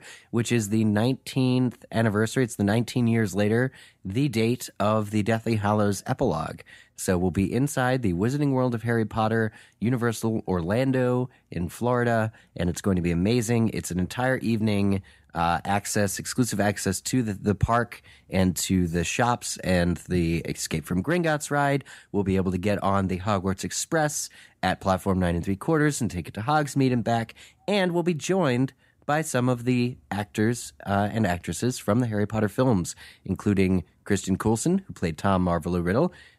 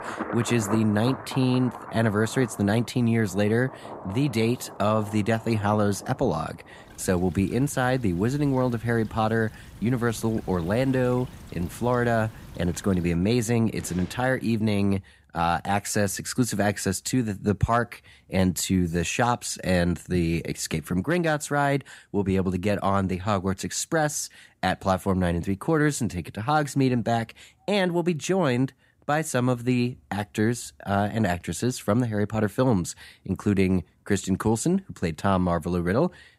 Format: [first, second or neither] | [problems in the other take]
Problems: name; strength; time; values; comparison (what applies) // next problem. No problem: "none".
first | rain or running water; noticeable; until 14 s; 15 dB below the speech